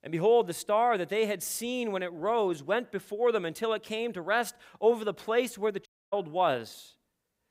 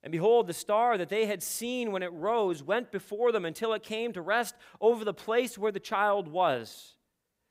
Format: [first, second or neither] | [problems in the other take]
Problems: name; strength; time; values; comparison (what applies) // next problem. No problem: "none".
second | audio cutting out; at 6 s